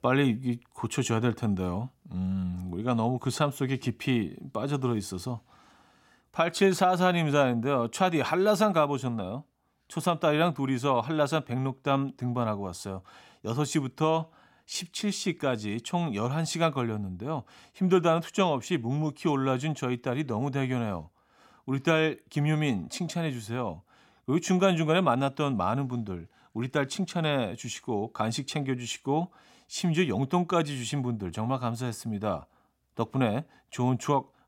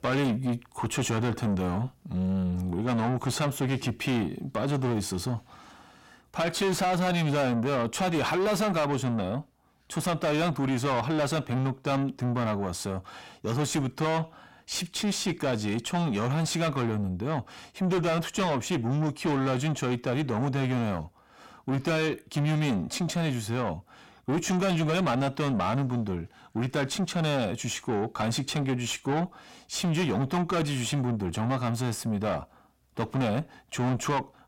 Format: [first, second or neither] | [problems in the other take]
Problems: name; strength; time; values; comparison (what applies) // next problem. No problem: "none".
first | distortion; heavy; 7 dB below the speech